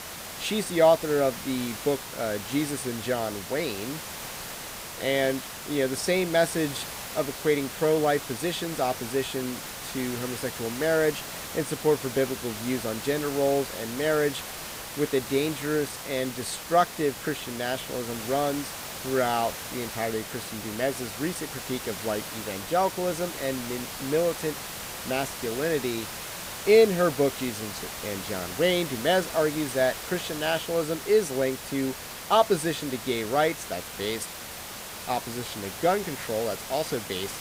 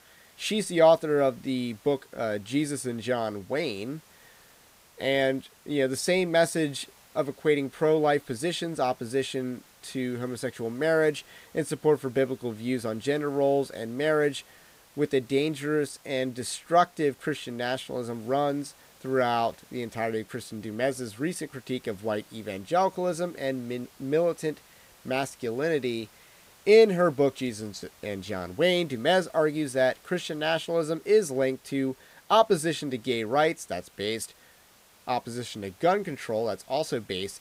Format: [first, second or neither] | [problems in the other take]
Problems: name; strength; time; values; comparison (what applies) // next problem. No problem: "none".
second | hiss; loud; throughout; 8 dB below the speech; faint in the second